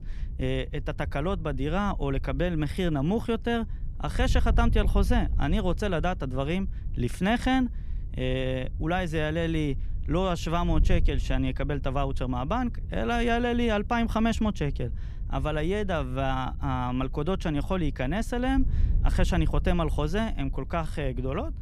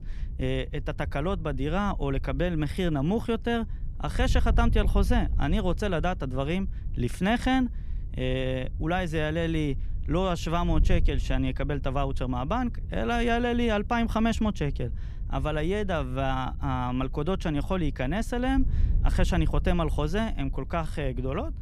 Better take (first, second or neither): neither